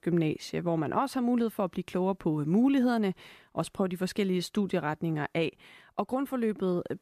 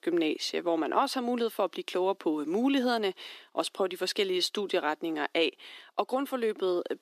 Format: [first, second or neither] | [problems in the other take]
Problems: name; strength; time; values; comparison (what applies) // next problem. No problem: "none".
first | thin; somewhat; fading below 300 Hz